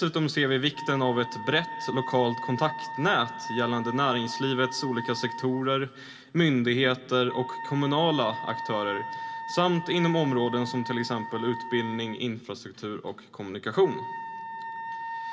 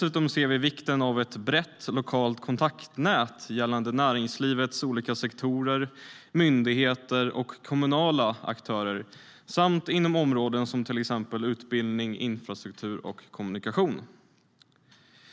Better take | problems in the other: second | background sound (Wind instrument, woodwind instrument); 10 dB below the speech // room echo; dies away in 1.7 s

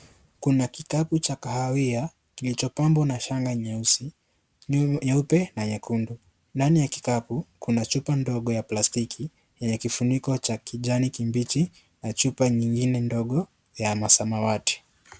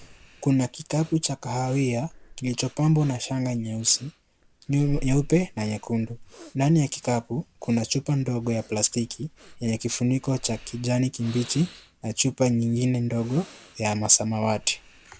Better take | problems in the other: first | background sound (Breathing); 17 dB below the speech

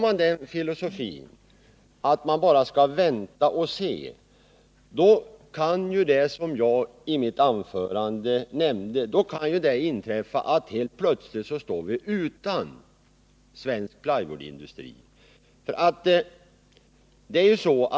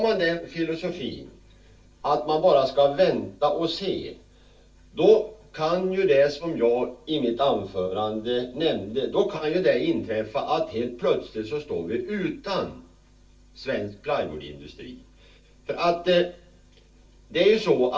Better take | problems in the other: first | room echo; dies away in 0.3 s

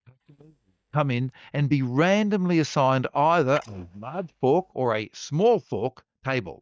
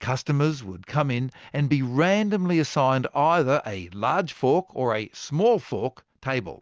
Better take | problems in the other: second | noise reduction (neural mask model DeepFilterNet 3)

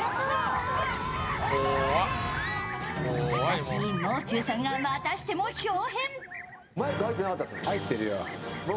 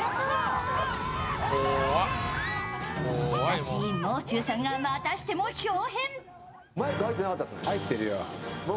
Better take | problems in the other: second | background sound (Livestock, farm animals, working animals); 15 dB below the speech

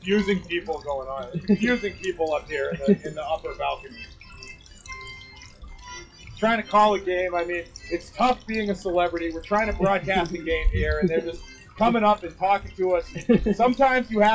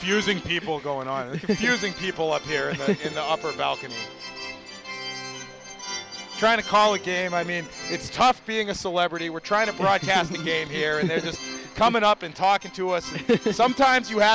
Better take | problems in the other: second | noise reduction (classical method WPE with log-MMSE)

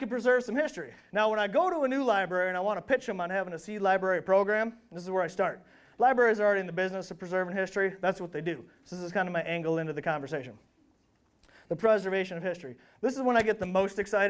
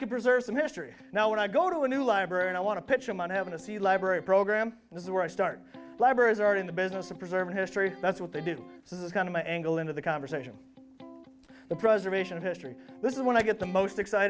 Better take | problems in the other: first | background sound (Electric guitar); 20 dB below the speech

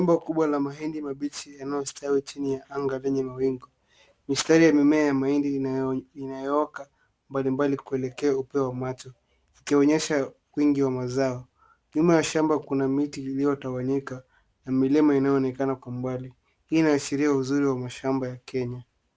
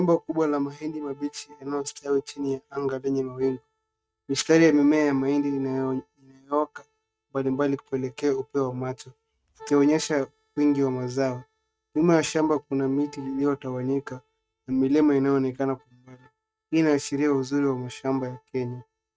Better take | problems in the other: first | noise reduction (neural mask model RNNoise)

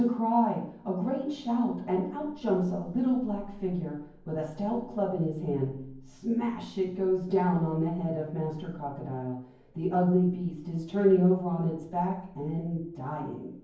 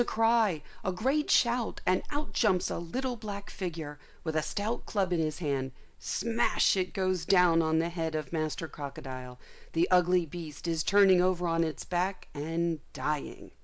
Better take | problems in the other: second | room echo; dies away in 0.9 s

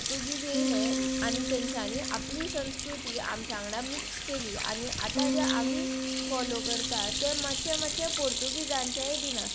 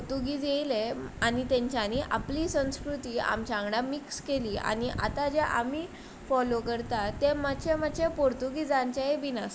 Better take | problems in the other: second | background sound (Sink (filling or washing) / Hands + Bass guitar); 3 dB above the speech

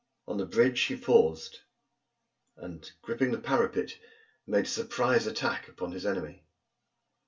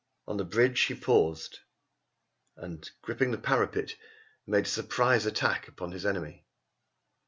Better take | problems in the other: second | room echo; dies away in 0.1 s

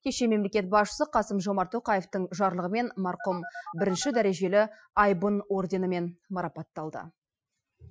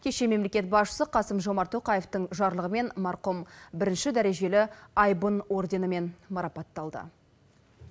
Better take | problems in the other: second | noise reduction (classical method Wiener filter)

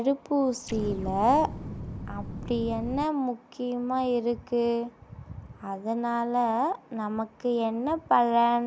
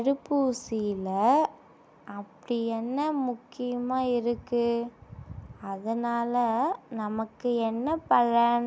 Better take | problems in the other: second | background sound (Explosion); 9 dB below the speech

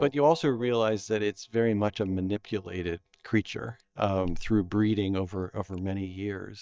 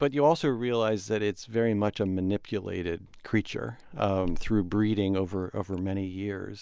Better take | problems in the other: second | noise reduction (neural mask model DeepFilterNet 3)

